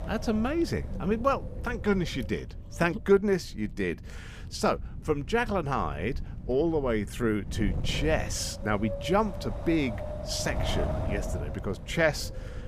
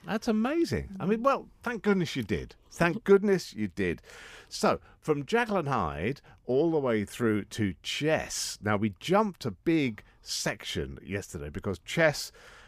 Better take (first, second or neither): second